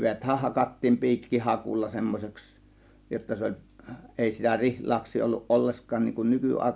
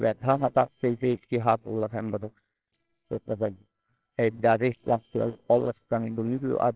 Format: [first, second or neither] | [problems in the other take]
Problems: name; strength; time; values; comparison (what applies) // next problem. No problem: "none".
first | noise reduction (neural separator model SepFormer WHAMR!)